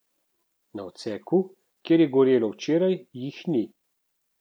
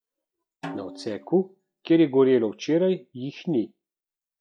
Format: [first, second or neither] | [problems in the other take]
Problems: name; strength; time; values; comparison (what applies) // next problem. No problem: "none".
first | noise reduction (classical method log-MMSE)